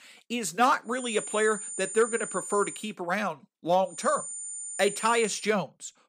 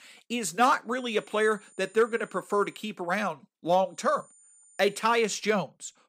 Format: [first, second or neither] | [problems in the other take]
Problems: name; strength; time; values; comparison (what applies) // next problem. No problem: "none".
second | high-pitched whine; loud; from 1 to 3 s and from 4 to 5.5 s; 9 kHz, 8 dB below the speech; faint in the second